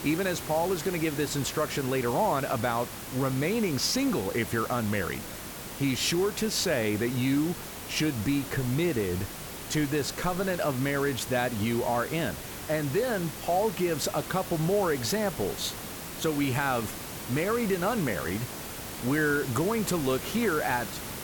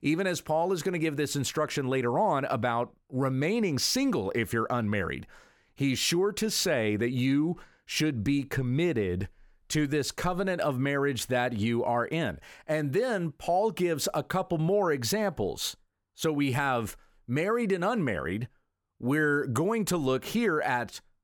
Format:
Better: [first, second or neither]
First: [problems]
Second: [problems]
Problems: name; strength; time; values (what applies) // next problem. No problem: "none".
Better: second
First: hiss; loud; throughout; 9 dB below the speech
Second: none